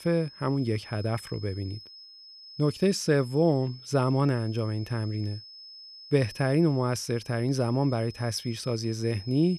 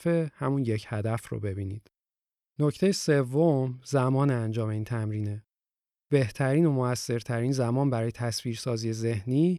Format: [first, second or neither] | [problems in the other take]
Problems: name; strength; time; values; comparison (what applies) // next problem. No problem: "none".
second | high-pitched whine; noticeable; throughout; 5 kHz, 15 dB below the speech